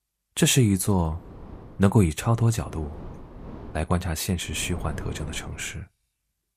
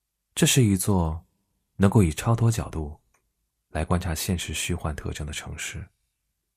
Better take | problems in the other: second | wind noise on the microphone; occasional gusts; at 1 s, from 2.5 to 4 s and from 4.5 to 5.5 s; 20 dB below the speech

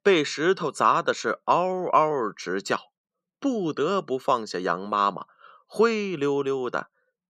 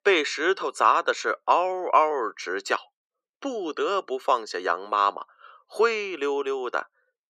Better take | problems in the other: first | thin; somewhat; fading below 350 Hz

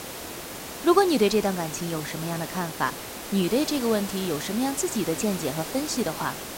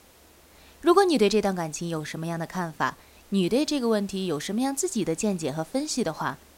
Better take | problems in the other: second | hiss; loud; throughout; 8 dB below the speech; faint in the second

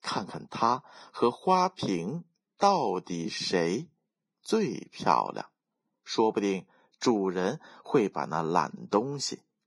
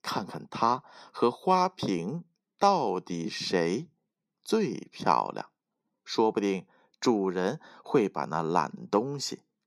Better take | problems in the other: second | garbled, watery; badly; nothing above 11 kHz

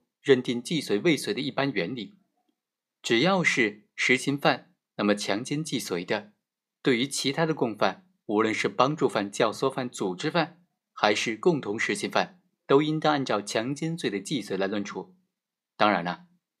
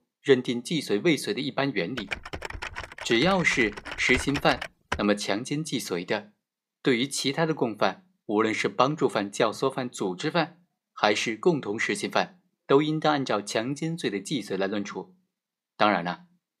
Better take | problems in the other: first | keyboard typing; noticeable; from 2 to 5 s; peak 7 dB below the speech

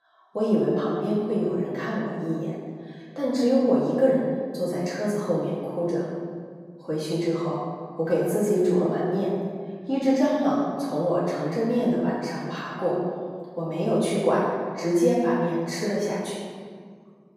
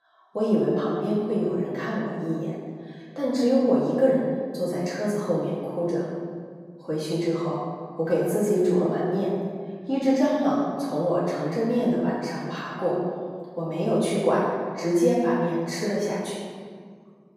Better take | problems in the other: neither | room echo; strong; dies away in 1.8 s; the same in both // off-mic speech; far; the same in both

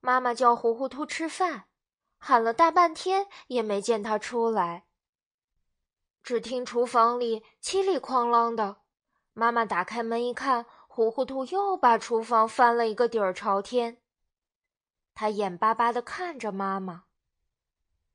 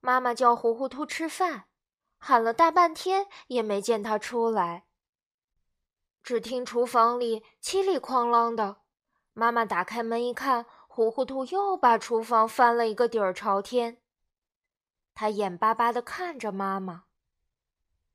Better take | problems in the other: second | garbled, watery; slightly; nothing above 9 kHz

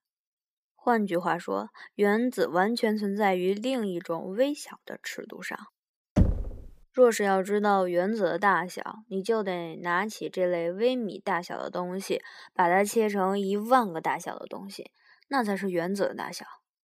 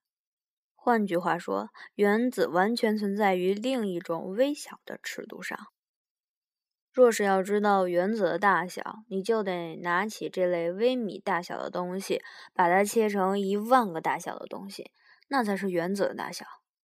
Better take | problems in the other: second | door banging; loud; at 6 s; peak 1 dB above the speech

